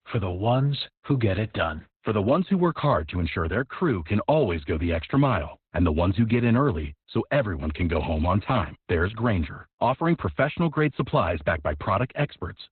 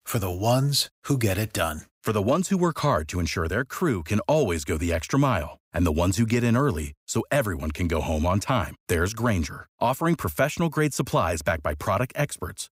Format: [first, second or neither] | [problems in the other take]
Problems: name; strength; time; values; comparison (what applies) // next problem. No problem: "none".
second | garbled, watery; badly; nothing above 4 kHz